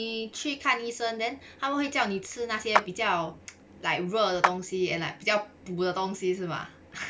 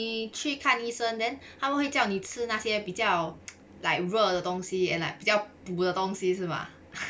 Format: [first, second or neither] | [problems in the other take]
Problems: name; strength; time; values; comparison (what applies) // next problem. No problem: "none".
second | background sound (Clapping); 3 dB below the speech